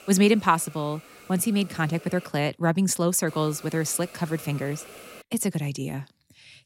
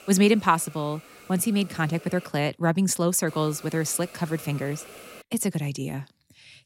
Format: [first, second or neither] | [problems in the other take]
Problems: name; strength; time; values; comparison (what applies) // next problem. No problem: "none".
neither | hiss; faint; until 2.5 s and from 3.5 to 5 s; 20 dB below the speech; the same in both